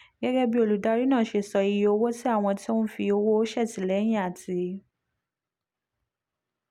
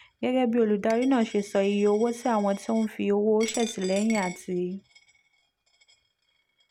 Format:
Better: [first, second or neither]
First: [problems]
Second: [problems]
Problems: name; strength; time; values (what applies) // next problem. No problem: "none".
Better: first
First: none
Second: background sound (Coin (dropping)); 18 dB below the speech